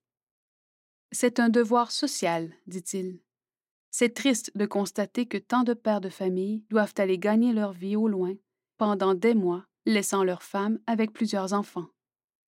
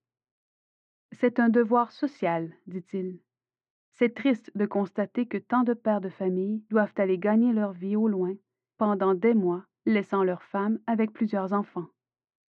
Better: first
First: none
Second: muffled; very; fading above 2 kHz

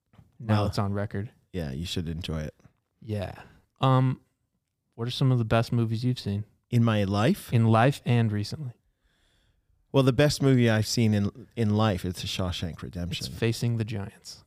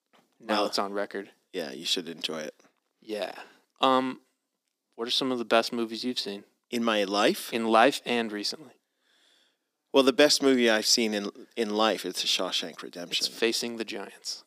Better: first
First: none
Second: thin; somewhat; fading below 250 Hz

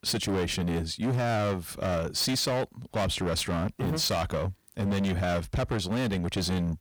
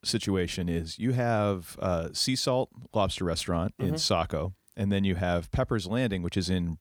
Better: second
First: distortion; heavy; 26% of the sound clipped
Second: none

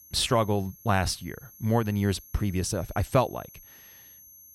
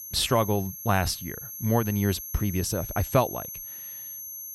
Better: first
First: high-pitched whine; faint; throughout; 11.5 kHz, 20 dB below the speech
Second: high-pitched whine; loud; throughout; 11.5 kHz, 9 dB below the speech

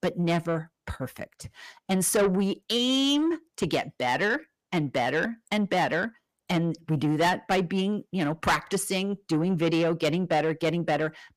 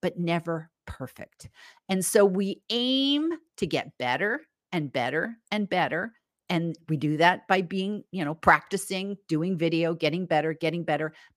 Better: second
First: distortion; heavy; 8 dB below the speech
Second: none

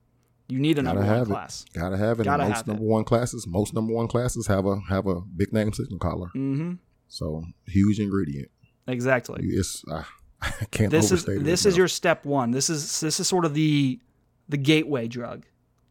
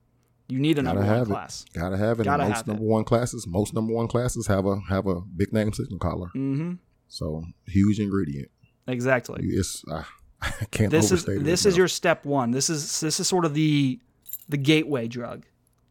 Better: first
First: none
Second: jangling keys; faint; at 14 s; peak 15 dB below the speech

